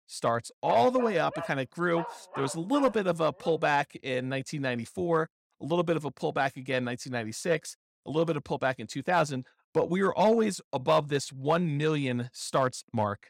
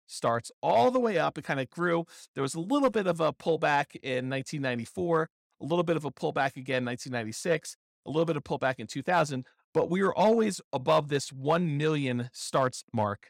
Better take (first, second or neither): second